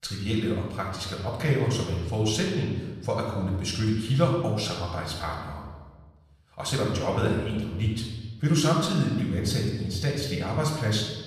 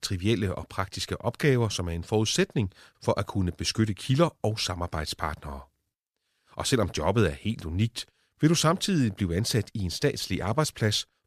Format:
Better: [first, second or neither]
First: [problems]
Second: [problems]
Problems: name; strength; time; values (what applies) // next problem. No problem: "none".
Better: second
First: off-mic speech; far // room echo; noticeable; dies away in 1.2 s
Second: none